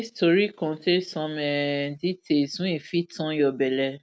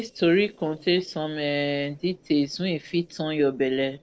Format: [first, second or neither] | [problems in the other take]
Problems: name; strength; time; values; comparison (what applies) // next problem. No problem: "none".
first | noise reduction (neural separator model SepFormer DNS4)